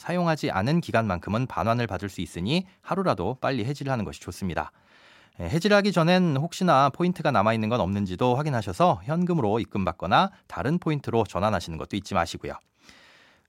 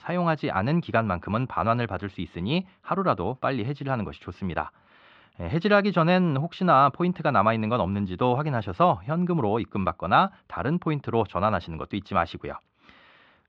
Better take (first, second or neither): first